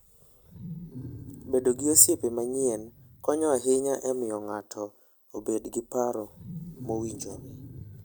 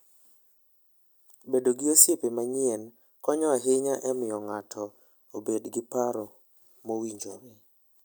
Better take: second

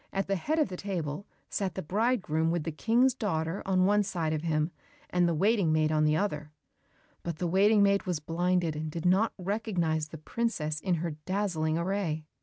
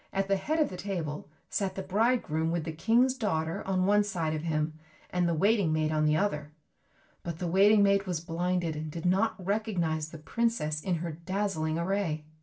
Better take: first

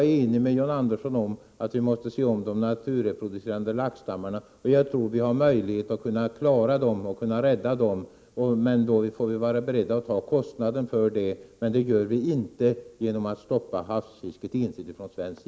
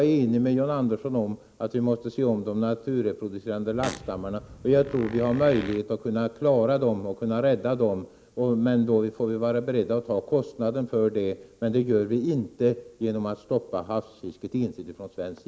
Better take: first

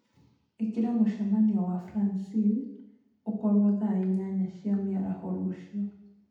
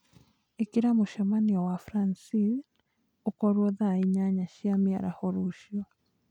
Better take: second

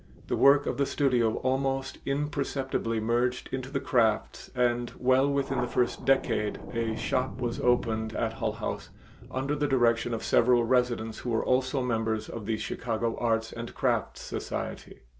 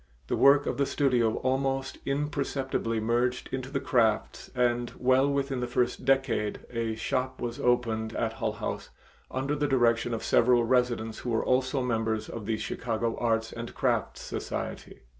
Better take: second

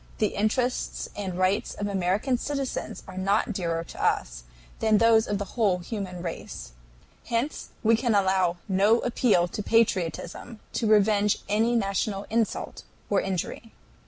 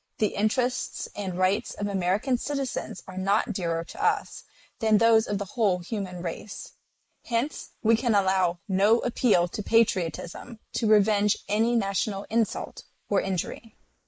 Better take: first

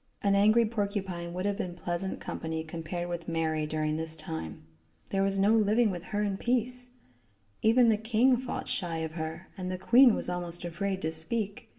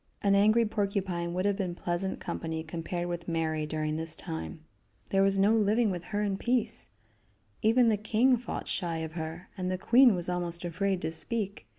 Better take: second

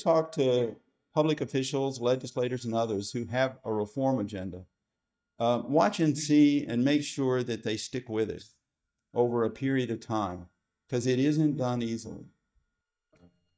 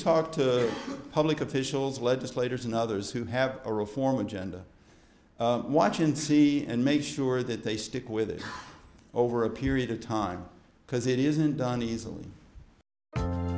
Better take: second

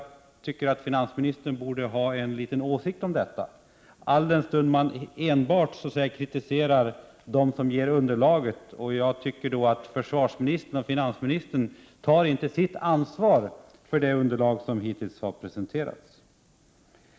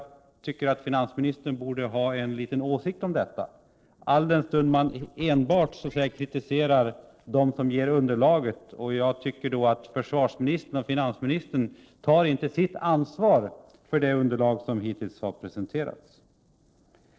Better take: first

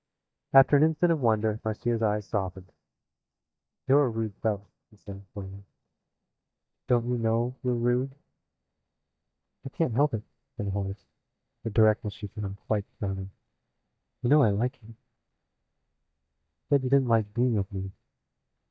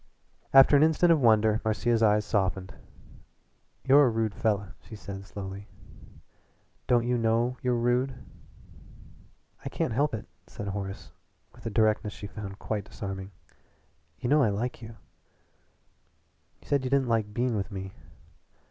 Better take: second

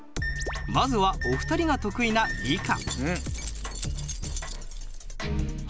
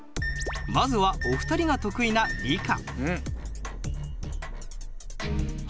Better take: second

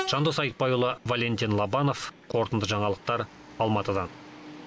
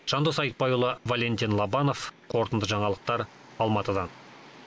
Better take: second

